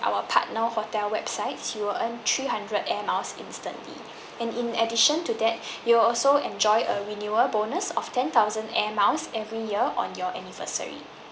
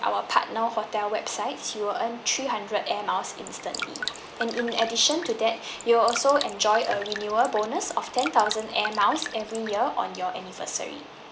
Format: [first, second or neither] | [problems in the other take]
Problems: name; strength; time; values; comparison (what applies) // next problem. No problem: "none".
first | background sound (Drip); 10 dB below the speech